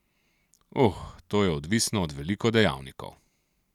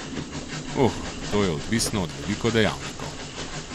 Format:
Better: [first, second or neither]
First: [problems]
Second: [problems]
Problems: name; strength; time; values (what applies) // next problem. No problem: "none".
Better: first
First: none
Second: background sound (Train); 6 dB below the speech